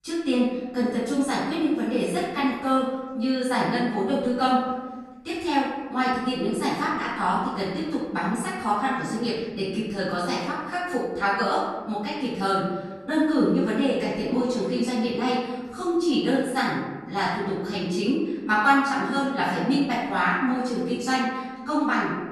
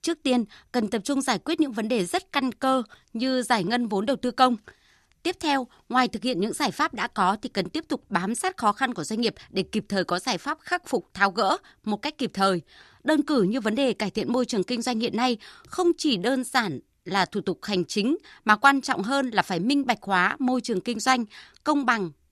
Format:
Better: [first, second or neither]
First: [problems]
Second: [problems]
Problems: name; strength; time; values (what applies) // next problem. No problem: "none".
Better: second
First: room echo; noticeable; dies away in 1.2 s // off-mic speech; far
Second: none